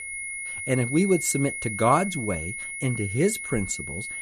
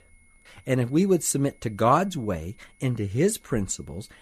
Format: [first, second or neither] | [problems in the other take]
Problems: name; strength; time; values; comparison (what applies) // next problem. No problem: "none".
second | high-pitched whine; loud; throughout; 2 kHz, 6 dB below the speech; faint in the second